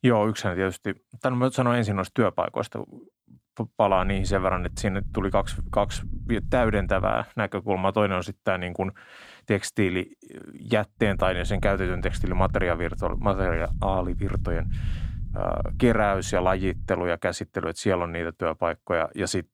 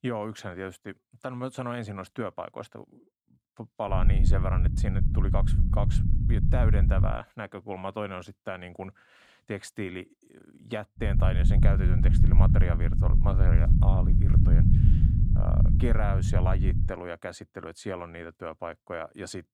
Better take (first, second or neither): first